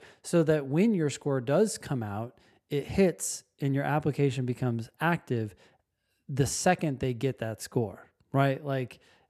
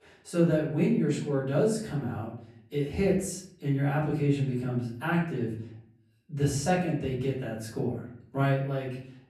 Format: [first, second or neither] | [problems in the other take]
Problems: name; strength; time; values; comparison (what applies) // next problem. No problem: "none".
first | off-mic speech; far // room echo; noticeable; dies away in 0.6 s